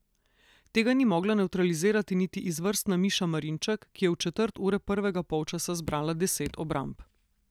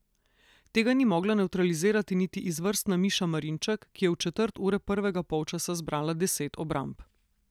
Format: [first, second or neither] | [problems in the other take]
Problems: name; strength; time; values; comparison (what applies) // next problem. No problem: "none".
second | background sound (Drip); 17 dB below the speech